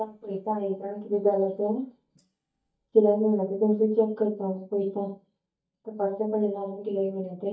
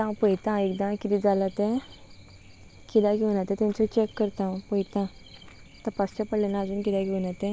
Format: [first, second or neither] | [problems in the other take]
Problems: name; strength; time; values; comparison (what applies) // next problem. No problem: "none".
second | noise reduction (neural mask model DeepFilterNet 3)